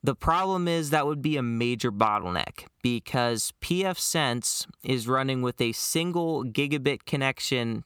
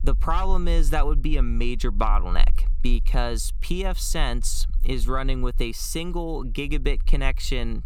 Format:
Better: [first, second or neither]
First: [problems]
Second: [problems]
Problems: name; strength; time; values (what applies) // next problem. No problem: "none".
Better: first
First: none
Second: low rumble; faint; throughout; 25 dB below the speech